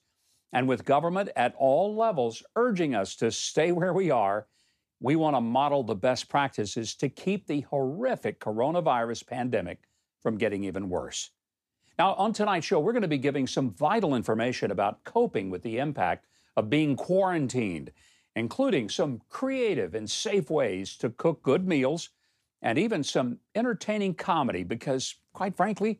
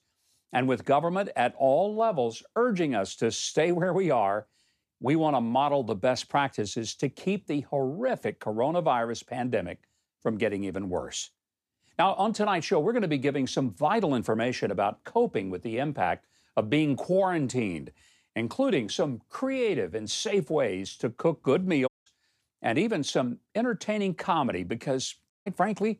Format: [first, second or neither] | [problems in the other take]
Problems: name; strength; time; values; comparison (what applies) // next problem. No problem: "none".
first | audio cutting out; at 22 s and at 25 s